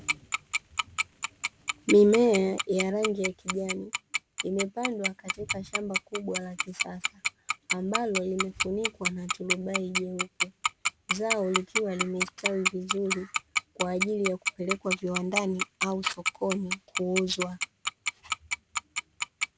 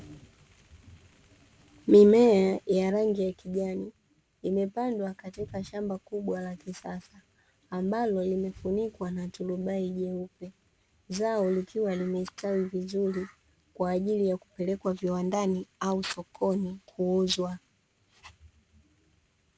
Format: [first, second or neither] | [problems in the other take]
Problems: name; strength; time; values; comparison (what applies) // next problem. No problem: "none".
second | background sound (Tick-tock); 3 dB below the speech